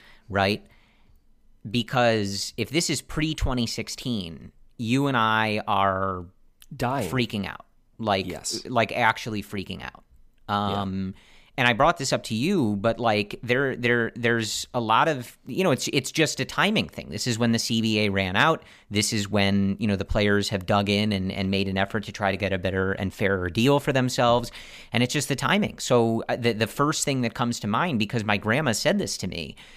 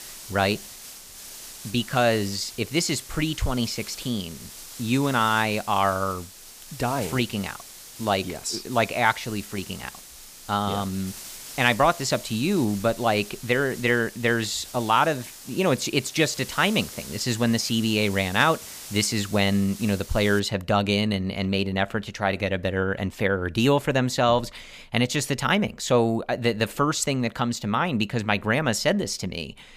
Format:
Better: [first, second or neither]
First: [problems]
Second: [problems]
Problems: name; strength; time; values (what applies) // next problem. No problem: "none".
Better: first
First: none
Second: hiss; noticeable; until 20 s; 15 dB below the speech